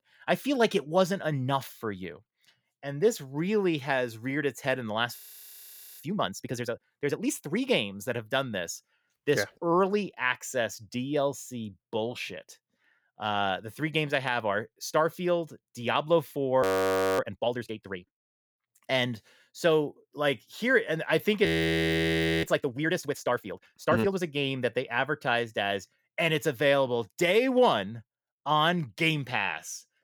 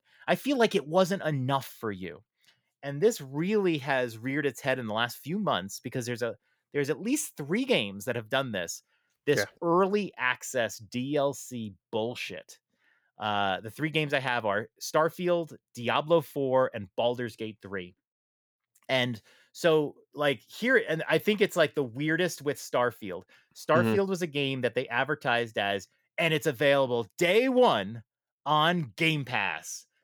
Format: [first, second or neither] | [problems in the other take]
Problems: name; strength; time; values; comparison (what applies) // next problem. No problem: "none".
second | audio freezing; at 5 s for 1 s, at 17 s for 0.5 s and at 21 s for 1 s